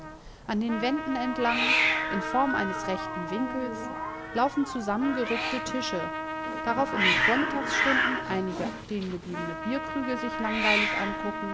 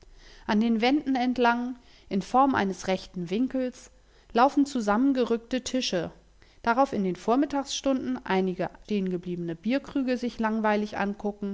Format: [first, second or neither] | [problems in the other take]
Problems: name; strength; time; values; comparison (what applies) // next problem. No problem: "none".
second | background sound (Hiss + Trumpet); 1 dB above the speech